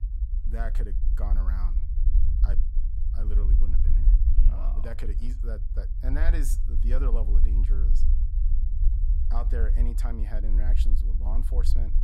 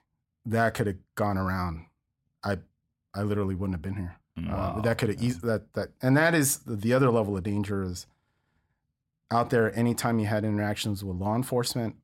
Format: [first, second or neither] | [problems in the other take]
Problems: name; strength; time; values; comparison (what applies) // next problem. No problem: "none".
second | low rumble; loud; throughout; 7 dB below the speech